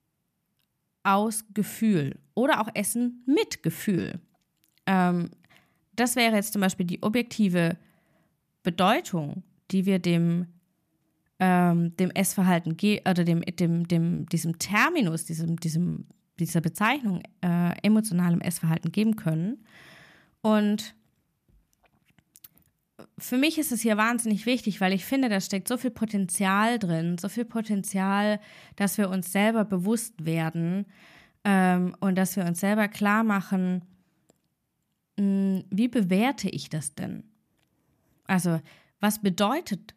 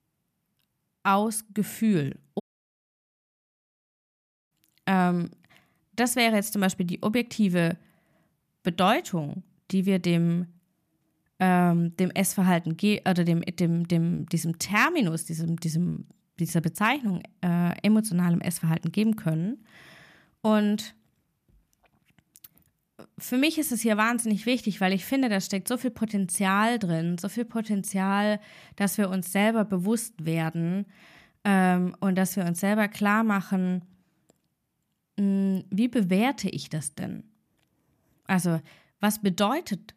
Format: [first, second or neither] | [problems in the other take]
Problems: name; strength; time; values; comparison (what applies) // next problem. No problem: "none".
first | audio cutting out; at 2.5 s for 2 s